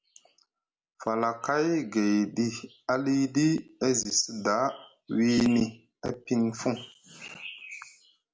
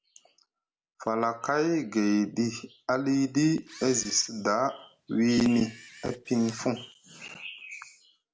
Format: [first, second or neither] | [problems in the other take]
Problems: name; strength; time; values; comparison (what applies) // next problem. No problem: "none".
first | background sound (Camera); 20 dB below the speech